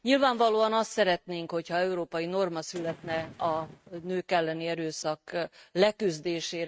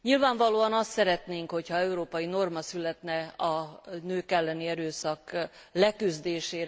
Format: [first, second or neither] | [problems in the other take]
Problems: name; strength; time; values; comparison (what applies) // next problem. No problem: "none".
second | noise reduction (neural mask model RNNoise)